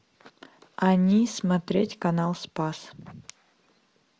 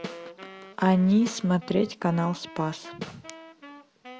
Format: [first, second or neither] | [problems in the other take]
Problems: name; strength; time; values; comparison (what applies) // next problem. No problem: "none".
first | background sound (Snare drum + Wind instrument, woodwind instrument); 16 dB below the speech